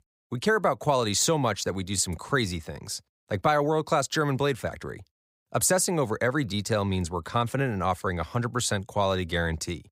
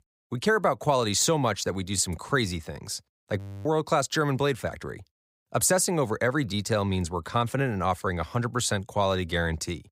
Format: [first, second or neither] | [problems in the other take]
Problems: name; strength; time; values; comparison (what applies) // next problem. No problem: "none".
first | audio freezing; at 3.5 s